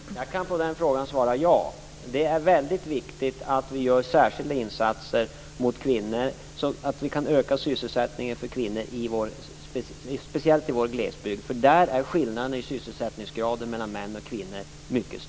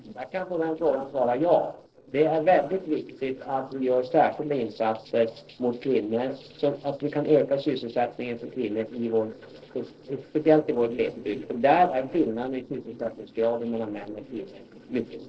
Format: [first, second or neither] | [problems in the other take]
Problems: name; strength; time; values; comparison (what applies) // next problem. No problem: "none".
first | noise reduction (neural separator model SepFormer DNS4)